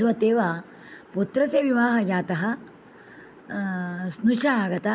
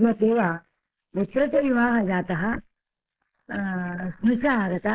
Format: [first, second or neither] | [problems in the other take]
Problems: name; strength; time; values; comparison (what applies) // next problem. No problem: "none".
first | noise reduction (neural mask model Resemble Enhance denoiser)